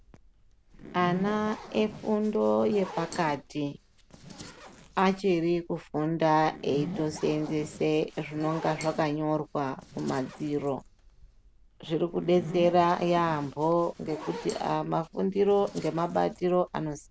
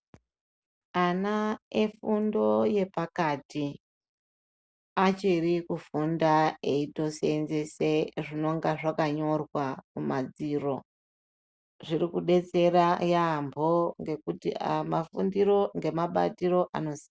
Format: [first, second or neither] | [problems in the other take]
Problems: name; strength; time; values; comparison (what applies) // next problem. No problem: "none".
second | background sound (Zipper (clothing)); 15 dB below the speech